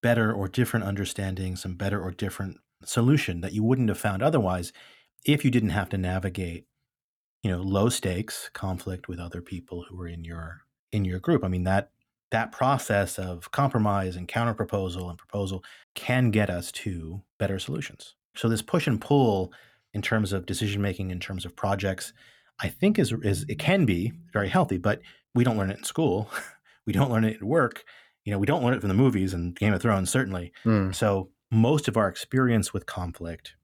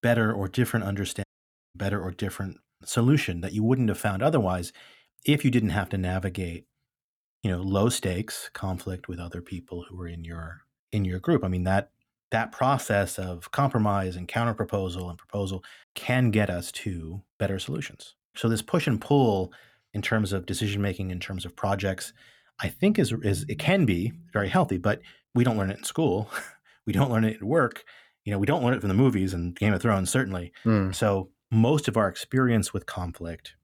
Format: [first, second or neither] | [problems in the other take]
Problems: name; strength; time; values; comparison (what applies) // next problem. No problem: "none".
first | audio cutting out; at 1 s for 0.5 s